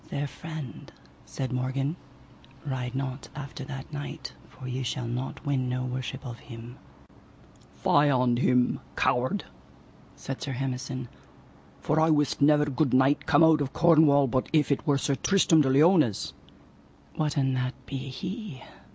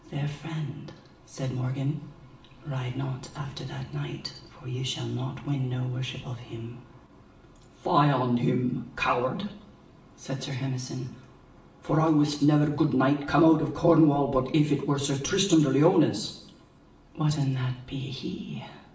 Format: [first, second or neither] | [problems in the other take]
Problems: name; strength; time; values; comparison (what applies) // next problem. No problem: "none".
first | room echo; dies away in 0.7 s